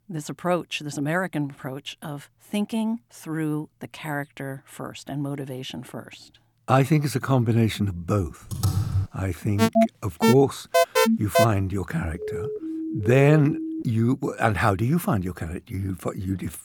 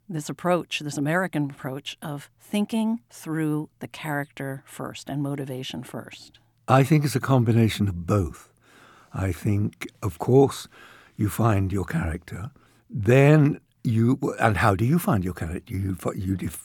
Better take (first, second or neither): second